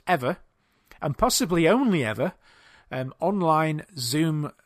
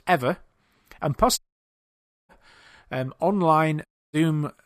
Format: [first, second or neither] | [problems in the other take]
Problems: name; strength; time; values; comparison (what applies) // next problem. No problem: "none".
first | audio cutting out; at 1.5 s for 1 s and at 4 s